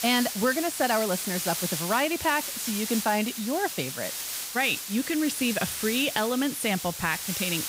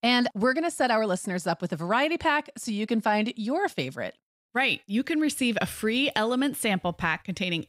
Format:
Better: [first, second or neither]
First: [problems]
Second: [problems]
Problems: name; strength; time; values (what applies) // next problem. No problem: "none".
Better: second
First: hiss; loud; throughout; 4 dB below the speech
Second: none